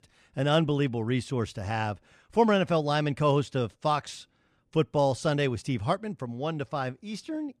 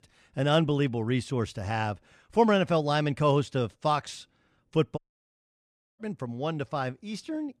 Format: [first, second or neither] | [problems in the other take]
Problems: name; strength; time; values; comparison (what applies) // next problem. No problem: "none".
first | audio cutting out; at 5 s for 1 s